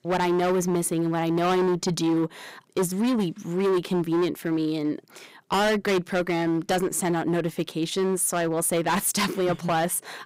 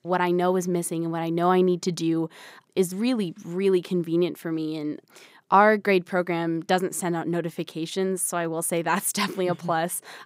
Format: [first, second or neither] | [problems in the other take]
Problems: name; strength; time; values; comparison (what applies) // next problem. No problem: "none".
second | distortion; heavy; 17% of the sound clipped